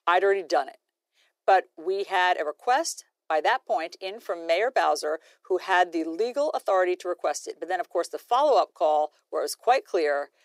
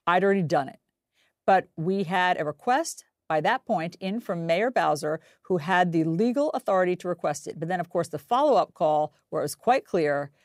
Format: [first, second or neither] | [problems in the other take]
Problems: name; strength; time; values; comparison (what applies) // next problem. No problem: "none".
second | thin; very; fading below 350 Hz